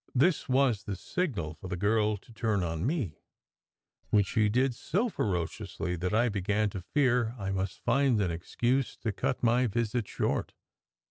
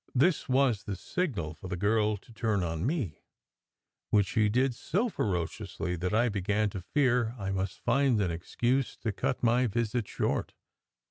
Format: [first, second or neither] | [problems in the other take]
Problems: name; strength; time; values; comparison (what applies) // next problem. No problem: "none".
second | noise reduction (neural separator model SepFormer DNS4)